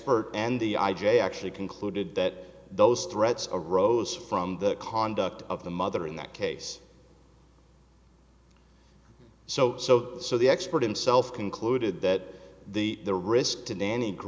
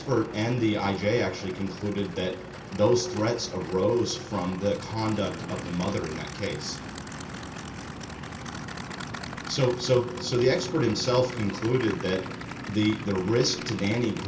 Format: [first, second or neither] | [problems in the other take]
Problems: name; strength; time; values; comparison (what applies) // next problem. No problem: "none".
first | background sound (Idling / Aircraft); 10 dB below the speech // room echo; dies away in 0.3 s